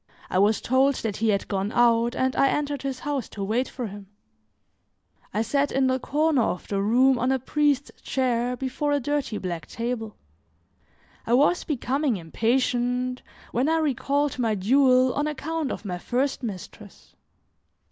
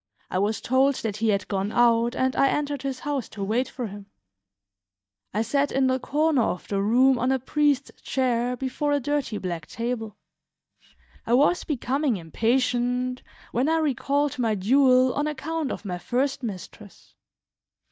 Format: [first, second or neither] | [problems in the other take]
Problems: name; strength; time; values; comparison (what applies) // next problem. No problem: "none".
first | noise reduction (neural mask model DeepFilterNet 3)